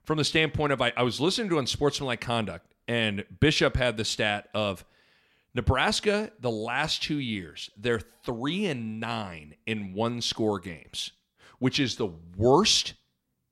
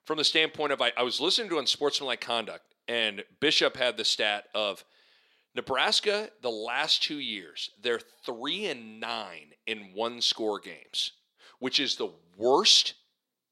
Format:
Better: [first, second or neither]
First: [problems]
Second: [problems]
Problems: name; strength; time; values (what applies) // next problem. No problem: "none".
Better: first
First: none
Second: thin; somewhat; fading below 400 Hz